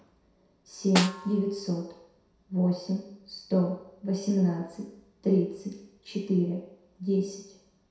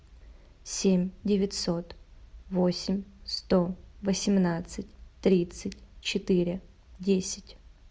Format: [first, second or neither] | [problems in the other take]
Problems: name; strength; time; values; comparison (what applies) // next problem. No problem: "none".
second | background sound (Snare drum); 6 dB below the speech // room echo; dies away in 0.7 s